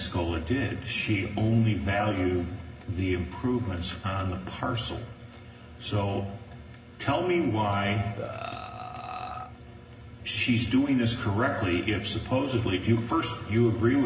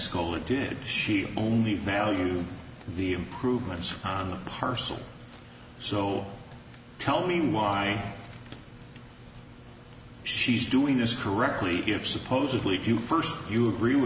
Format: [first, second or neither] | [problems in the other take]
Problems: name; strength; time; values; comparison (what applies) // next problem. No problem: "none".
second | background sound (Burping, eructation); 10 dB below the speech // room echo; dies away in 0.4 s